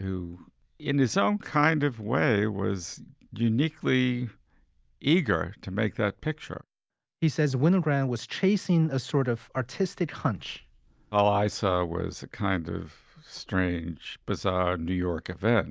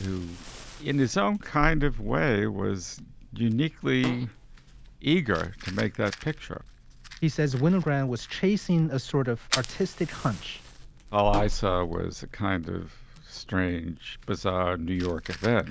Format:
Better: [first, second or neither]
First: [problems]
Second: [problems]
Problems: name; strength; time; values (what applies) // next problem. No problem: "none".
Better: first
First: none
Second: background sound (Fart + Fire); 9 dB below the speech